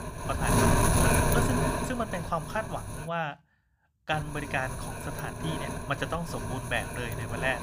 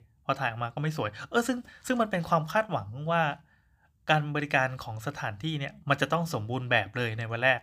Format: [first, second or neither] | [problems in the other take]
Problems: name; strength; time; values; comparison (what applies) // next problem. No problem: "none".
second | wind noise on the microphone; heavy; until 3 s and from 4 s on; 2 dB above the speech